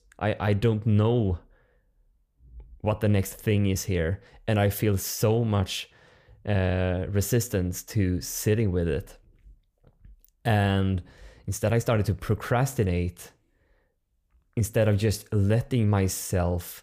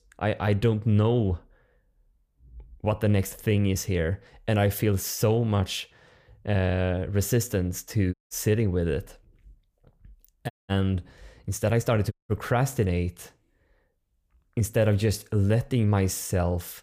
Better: first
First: none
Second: audio cutting out; at 8 s, at 11 s and at 12 s

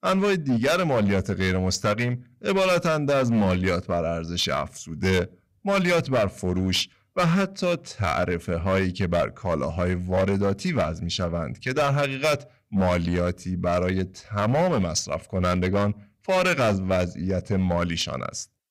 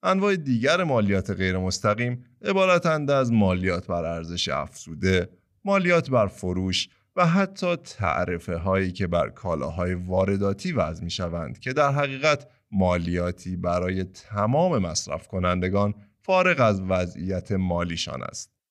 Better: second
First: distortion; slight; 10% of the sound clipped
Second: none

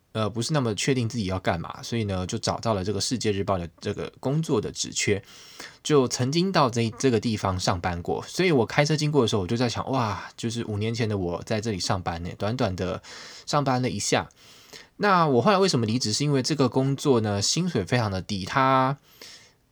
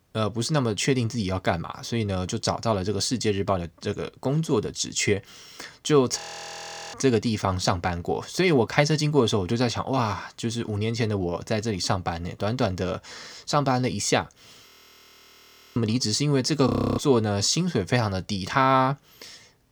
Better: first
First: none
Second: audio freezing; at 6 s for 0.5 s, at 15 s for 1 s and at 17 s

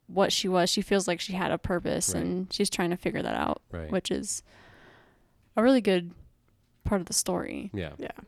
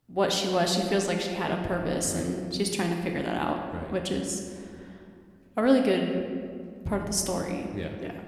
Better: first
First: none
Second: room echo; slight; dies away in 1.6 s

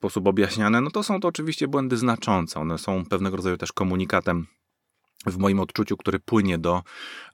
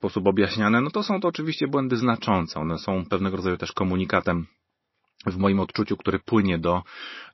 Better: first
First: none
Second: garbled, watery; slightly; nothing above 5.5 kHz

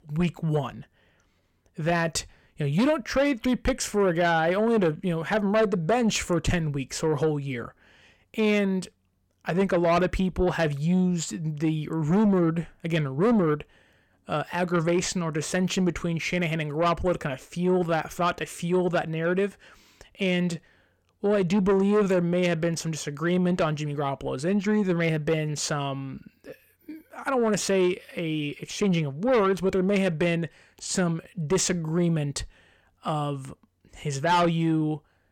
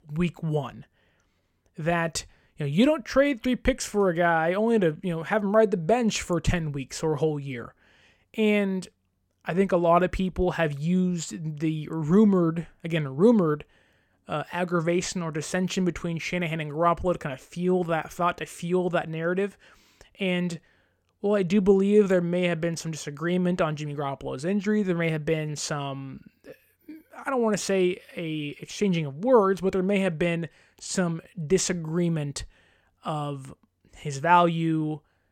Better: second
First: distortion; slight; 10 dB below the speech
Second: none

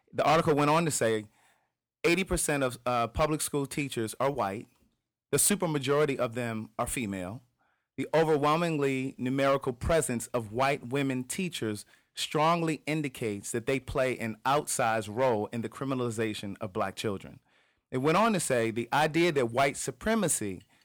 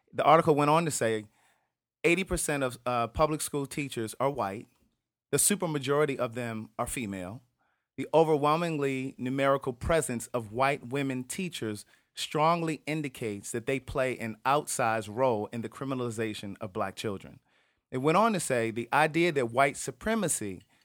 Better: second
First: distortion; slight; 3% of the sound clipped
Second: none

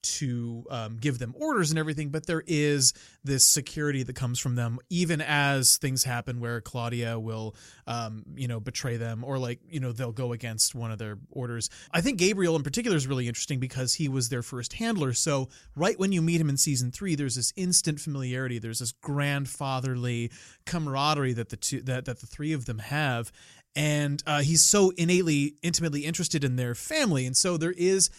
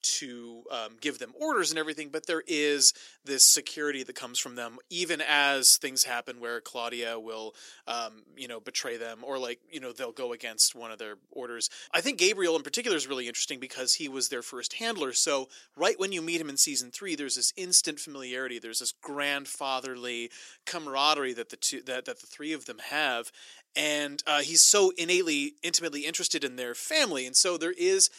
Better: first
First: none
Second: thin; somewhat; fading below 300 Hz

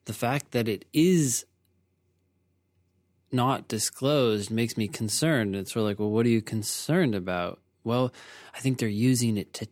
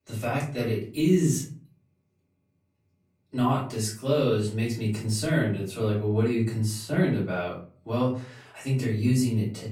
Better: first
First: none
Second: off-mic speech; far // room echo; slight; dies away in 0.4 s

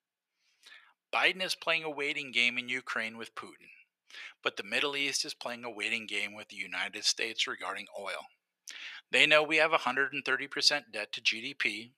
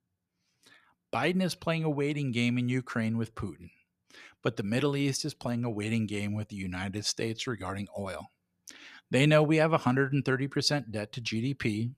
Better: second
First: thin; very; fading below 550 Hz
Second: none

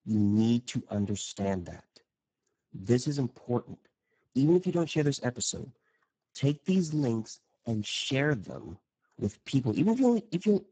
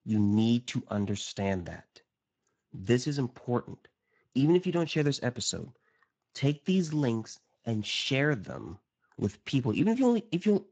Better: second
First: garbled, watery; badly; nothing above 7.5 kHz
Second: garbled, watery; slightly; nothing above 7.5 kHz

